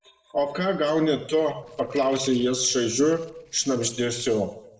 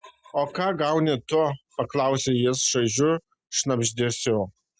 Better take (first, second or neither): second